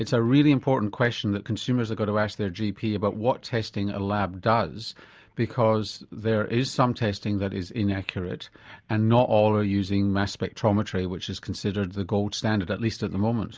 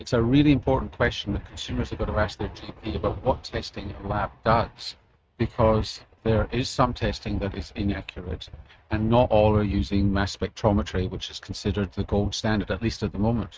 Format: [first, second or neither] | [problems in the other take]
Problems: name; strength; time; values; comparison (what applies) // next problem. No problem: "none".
first | noise reduction (neural mask model RNNoise)